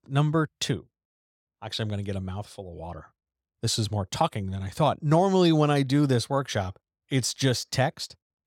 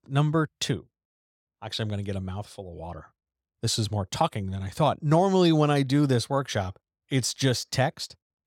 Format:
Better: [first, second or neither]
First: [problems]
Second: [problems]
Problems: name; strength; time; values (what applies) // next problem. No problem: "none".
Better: neither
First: none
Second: none